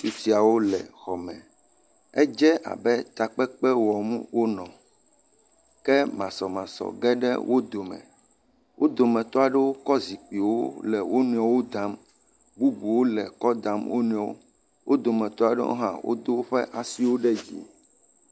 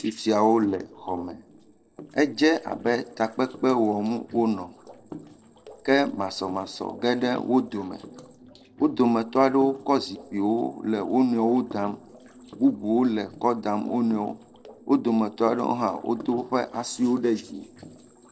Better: first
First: none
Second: noise reduction (neural separator model SepFormer DNS4)

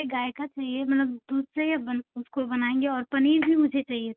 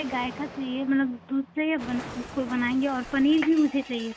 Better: first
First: none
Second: background sound (Explosion); 16 dB below the speech

